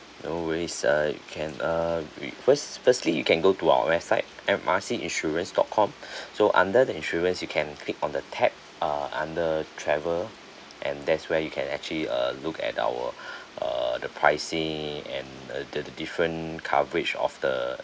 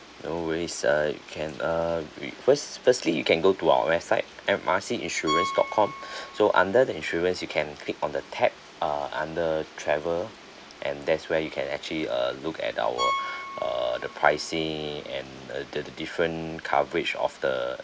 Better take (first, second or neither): first